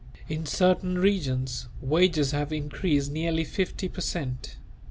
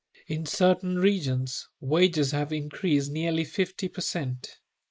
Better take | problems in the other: first | noise reduction (neural mask model Resemble Enhance denoiser)

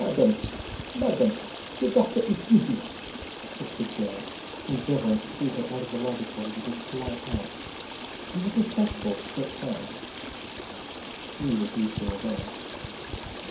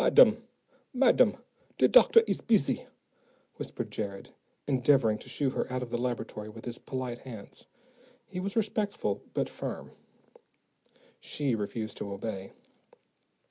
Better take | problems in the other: second | background sound (Stream); 8 dB below the speech // room echo; dies away in 0.5 s

